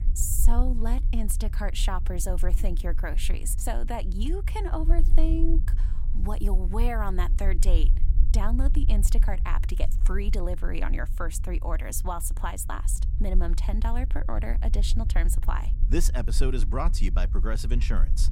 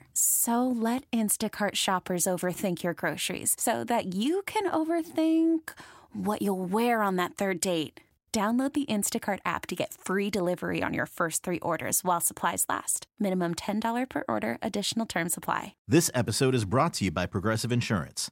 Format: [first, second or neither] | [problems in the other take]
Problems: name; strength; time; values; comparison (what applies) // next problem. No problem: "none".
second | low rumble; noticeable; throughout; 15 dB below the speech